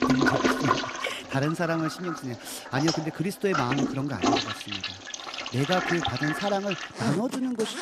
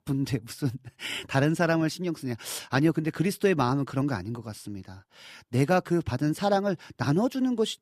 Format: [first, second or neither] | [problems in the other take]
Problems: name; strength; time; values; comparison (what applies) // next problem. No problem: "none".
second | household noises; very loud; throughout; as loud as the speech